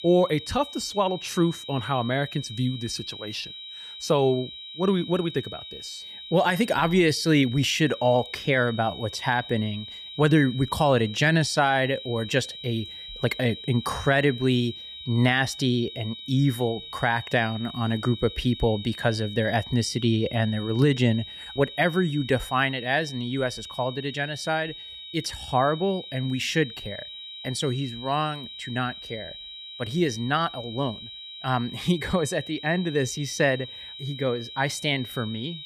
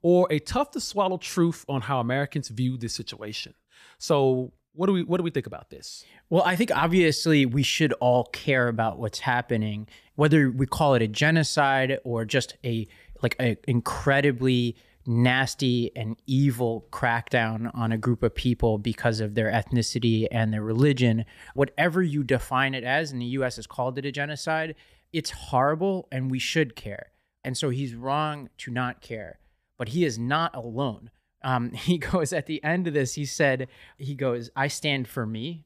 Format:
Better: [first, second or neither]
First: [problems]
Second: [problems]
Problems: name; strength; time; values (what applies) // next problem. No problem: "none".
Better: second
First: high-pitched whine; noticeable; throughout; 4 kHz, 10 dB below the speech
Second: none